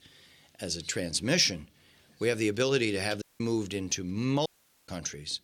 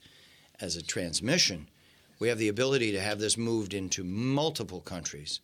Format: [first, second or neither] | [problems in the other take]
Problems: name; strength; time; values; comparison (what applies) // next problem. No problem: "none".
second | audio cutting out; at 3 s and at 4.5 s